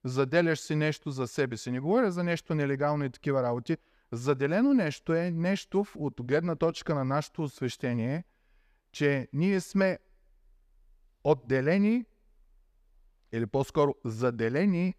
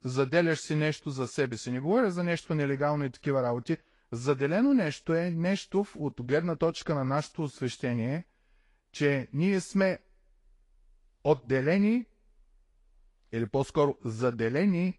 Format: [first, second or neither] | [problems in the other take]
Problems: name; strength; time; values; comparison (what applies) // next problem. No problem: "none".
first | garbled, watery; slightly; nothing above 11 kHz